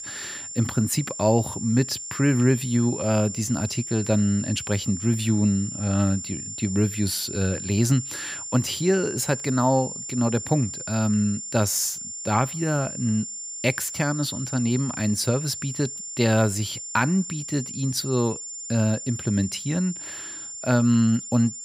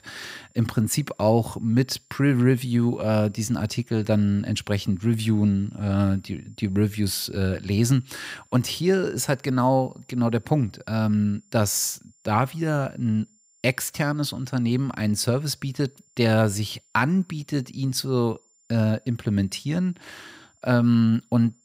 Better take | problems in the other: second | high-pitched whine; loud; throughout; 7 kHz, 8 dB below the speech; faint in the second

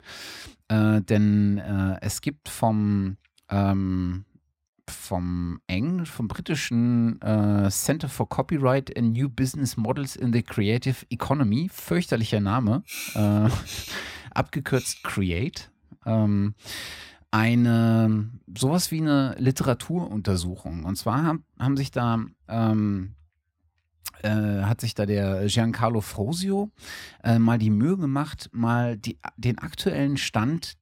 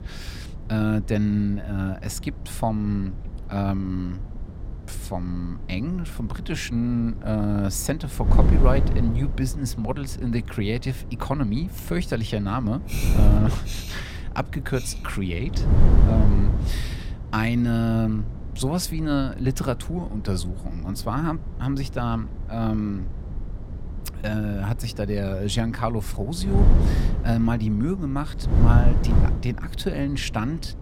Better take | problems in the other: first | wind noise on the microphone; heavy; 9 dB below the speech

